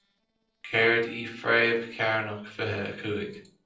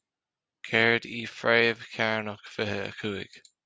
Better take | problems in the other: second | noise reduction (neural separator model SepFormer DNS4)

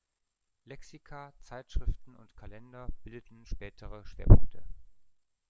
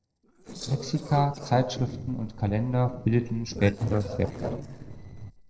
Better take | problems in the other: first | noise reduction (neural separator model SepFormer DNS4)

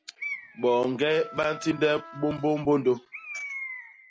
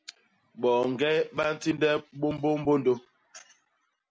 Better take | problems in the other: second | background sound (Bird + Wind instrument, woodwind instrument); 14 dB below the speech

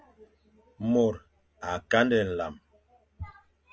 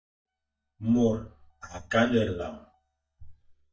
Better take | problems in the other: first | noise reduction (neural mask model DeepFilterNet 3)

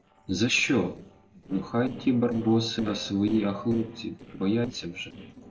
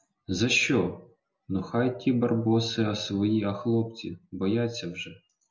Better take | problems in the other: second | noise reduction (neural separator model SepFormer DNS4)

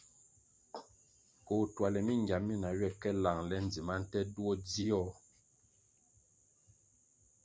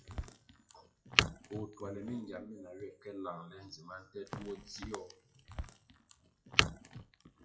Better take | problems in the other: first | noise reduction (classical method WPE with log-MMSE)

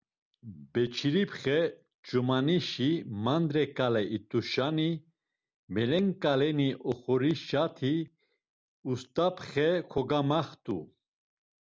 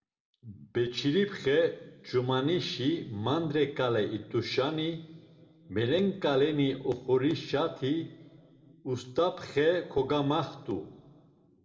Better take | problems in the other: first | room echo; dies away in 1.4 s

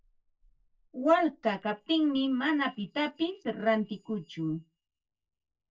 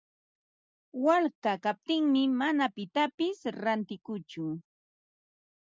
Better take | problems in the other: second | noise reduction (neural separator model SepFormer DNS4)

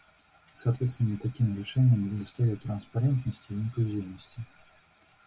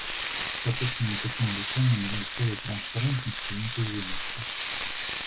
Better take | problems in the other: first | background sound (Frying (food)); 3 dB below the speech

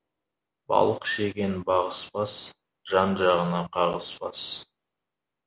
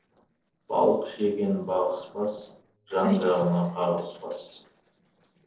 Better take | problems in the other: first | noise reduction (neural separator model SepFormer DNS4)

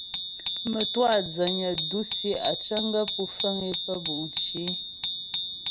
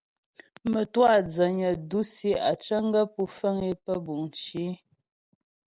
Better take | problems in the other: second | background sound (Bicycle bell); 1 dB below the speech

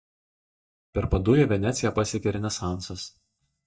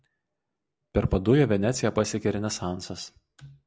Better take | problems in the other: second | noise reduction (neural mask model DeepFilterNet 3)

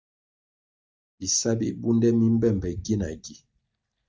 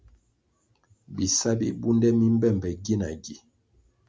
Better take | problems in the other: second | noise reduction (neural mask model DeepFilterNet 3)

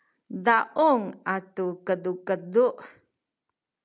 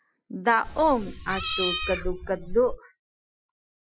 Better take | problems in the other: first | noise reduction (classical method Wiener filter)

